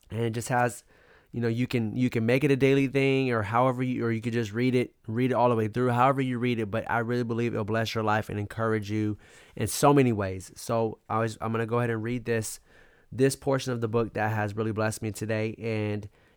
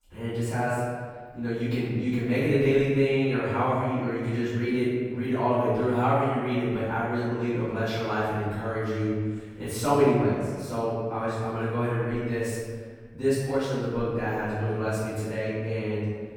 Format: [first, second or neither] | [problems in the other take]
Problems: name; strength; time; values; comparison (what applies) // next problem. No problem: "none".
first | off-mic speech; far // room echo; strong; dies away in 1.5 s